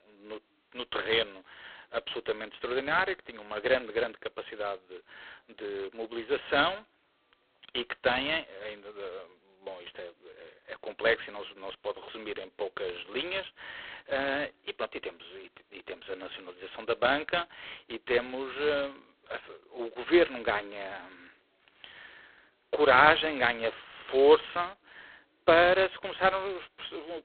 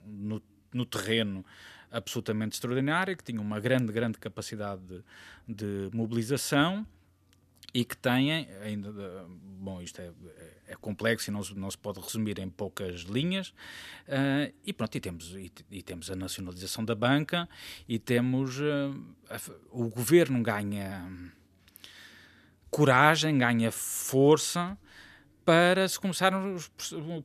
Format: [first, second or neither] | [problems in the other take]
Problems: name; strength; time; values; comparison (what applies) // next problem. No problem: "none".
second | phone-call audio; poor line; nothing above 4 kHz